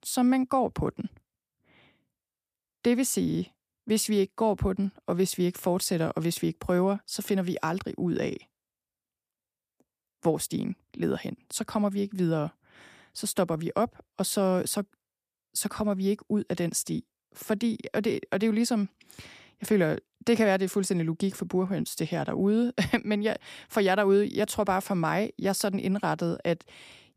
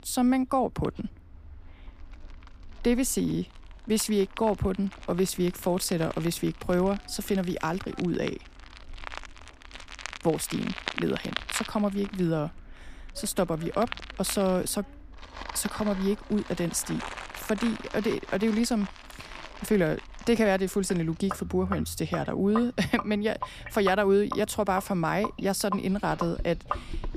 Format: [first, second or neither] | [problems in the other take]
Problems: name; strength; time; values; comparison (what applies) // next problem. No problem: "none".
first | household noises; noticeable; throughout; 10 dB below the speech